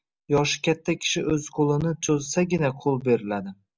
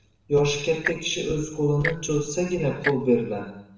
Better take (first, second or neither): first